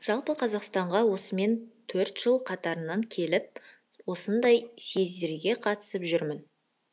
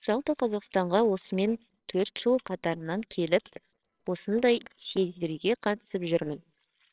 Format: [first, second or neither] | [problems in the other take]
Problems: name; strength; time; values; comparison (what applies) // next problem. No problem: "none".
first | noise reduction (neural separator model SepFormer WHAMR!)